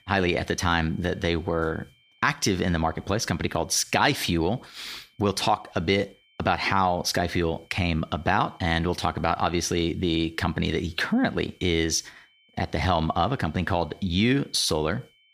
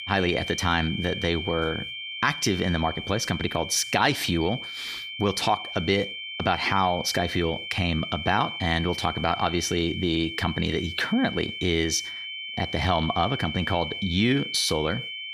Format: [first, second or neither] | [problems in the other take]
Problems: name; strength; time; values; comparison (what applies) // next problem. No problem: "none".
first | high-pitched whine; loud; throughout; 3 kHz, 7 dB below the speech; faint in the first